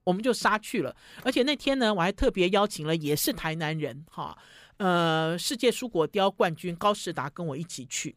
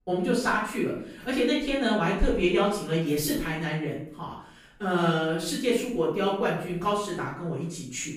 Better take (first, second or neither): first